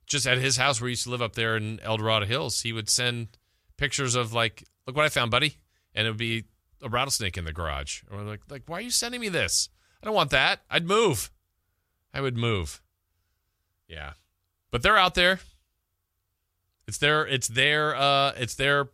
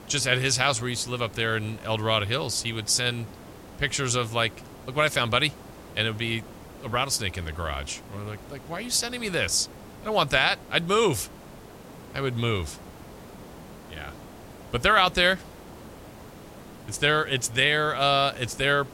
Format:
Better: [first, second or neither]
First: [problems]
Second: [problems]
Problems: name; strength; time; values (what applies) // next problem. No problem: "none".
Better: first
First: none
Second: hiss; faint; throughout; 20 dB below the speech